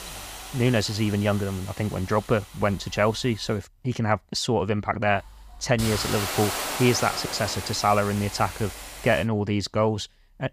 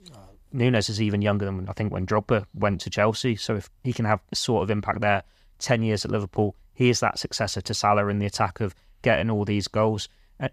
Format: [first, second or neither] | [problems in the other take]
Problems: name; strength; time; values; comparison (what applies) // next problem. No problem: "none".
second | hiss; loud; until 3.5 s and from 5 to 9 s; 8 dB below the speech